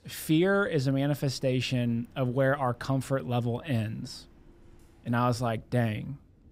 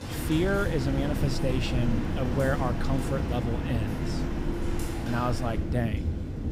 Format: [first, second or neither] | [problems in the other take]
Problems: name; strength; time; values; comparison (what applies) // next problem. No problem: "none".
first | rain or running water; loud; throughout; 1 dB below the speech; faint in the first